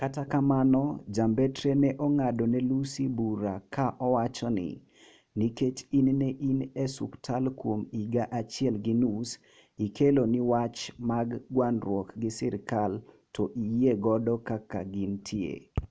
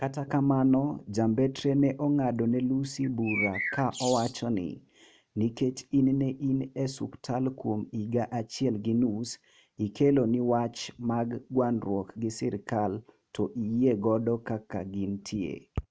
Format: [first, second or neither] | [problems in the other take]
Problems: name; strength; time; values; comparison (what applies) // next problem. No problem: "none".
first | noise reduction (neural mask model RNNoise)